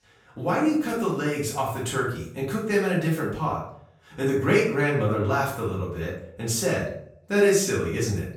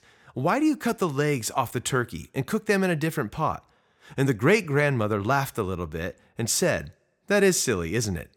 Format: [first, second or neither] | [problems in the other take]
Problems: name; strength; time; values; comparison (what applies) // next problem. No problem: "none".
second | off-mic speech; far // room echo; noticeable; dies away in 0.5 s